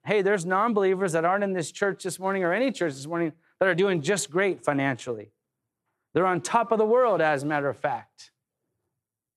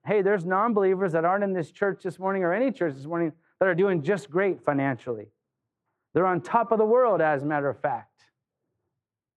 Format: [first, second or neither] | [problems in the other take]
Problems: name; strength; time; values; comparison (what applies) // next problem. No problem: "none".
first | muffled; very; fading above 3 kHz